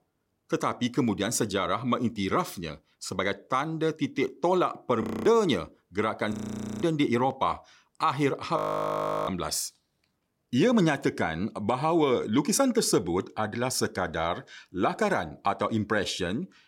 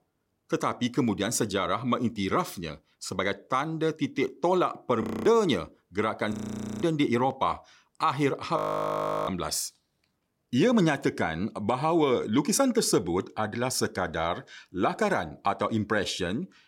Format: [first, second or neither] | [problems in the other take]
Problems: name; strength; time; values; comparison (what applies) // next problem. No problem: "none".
neither | audio freezing; at 5 s, at 6.5 s and at 8.5 s for 0.5 s; the same in both